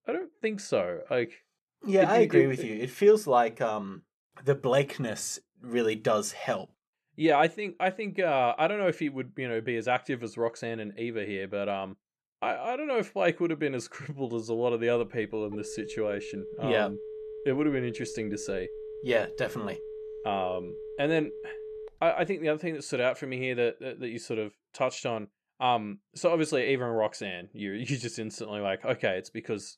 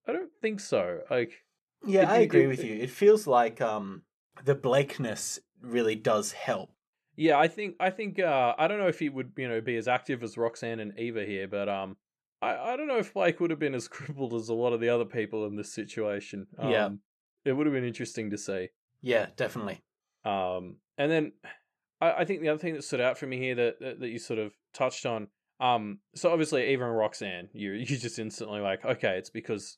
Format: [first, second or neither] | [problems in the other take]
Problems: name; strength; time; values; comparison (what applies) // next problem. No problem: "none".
second | phone ringing; faint; from 15 to 22 s; peak 10 dB below the speech